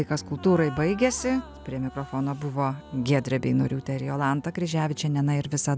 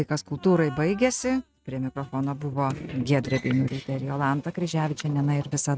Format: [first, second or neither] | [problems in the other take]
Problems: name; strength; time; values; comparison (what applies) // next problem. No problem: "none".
first | noise reduction (neural mask model RNNoise)